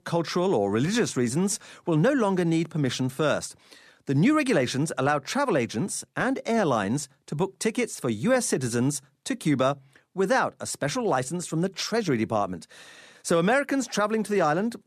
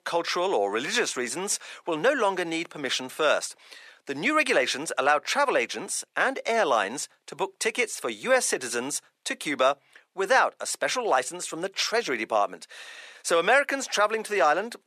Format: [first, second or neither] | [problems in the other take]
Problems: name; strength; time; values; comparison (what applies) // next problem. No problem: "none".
first | thin; very; fading below 550 Hz